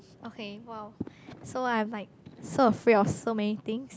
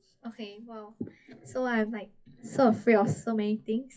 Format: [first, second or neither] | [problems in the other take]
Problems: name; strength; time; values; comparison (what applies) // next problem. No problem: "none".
first | noise reduction (classical method WPE with log-MMSE)